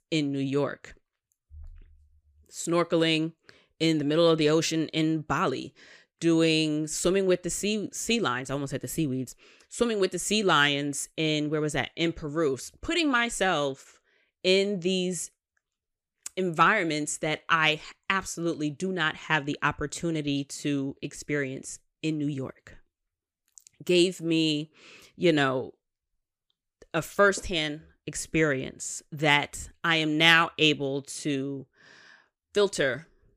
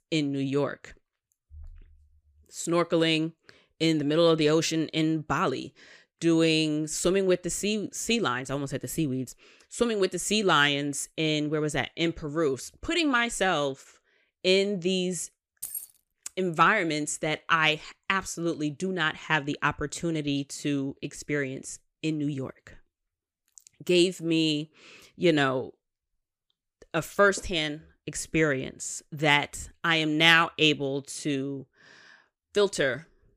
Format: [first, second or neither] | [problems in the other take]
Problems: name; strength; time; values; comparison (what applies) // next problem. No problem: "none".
first | jangling keys; noticeable; at 16 s; peak 9 dB below the speech